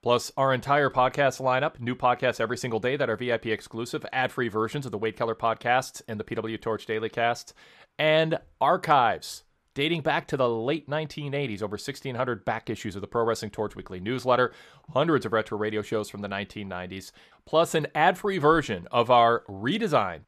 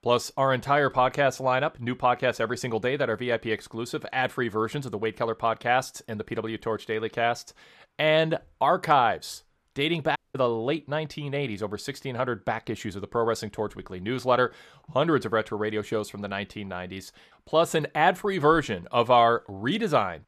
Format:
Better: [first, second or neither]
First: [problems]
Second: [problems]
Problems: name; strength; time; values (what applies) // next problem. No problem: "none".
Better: first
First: none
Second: audio cutting out; at 10 s